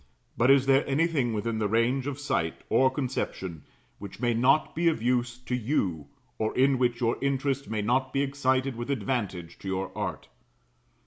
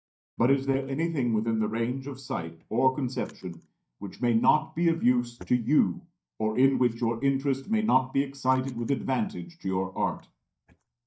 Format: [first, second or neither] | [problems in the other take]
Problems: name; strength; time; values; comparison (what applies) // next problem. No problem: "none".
first | noise reduction (neural mask model DeepFilterNet 3)